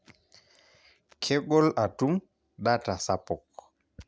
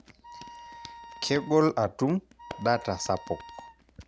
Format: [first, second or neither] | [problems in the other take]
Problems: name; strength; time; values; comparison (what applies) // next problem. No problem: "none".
first | background sound (Wind instrument, woodwind instrument + Hands); 17 dB below the speech